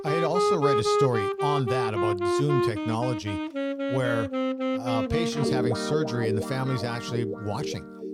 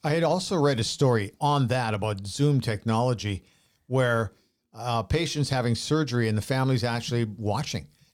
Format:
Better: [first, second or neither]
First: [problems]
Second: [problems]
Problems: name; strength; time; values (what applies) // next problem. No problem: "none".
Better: second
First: background music; very loud; throughout; 2 dB above the speech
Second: none